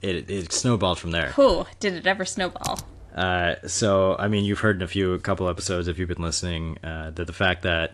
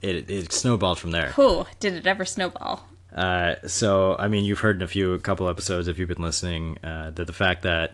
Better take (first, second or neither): second